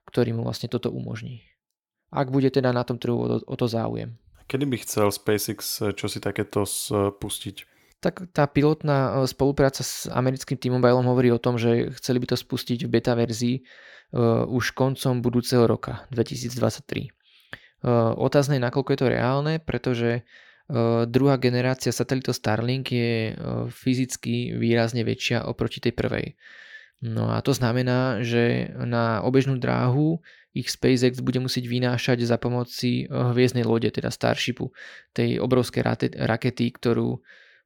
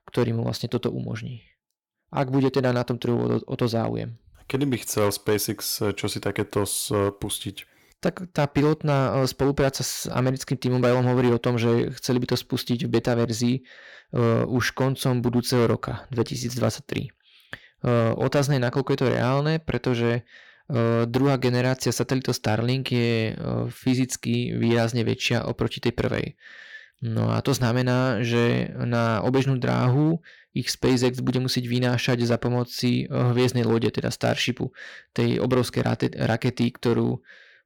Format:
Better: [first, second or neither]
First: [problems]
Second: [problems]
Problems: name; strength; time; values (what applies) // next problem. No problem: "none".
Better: first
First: none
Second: distortion; slight; 6% of the sound clipped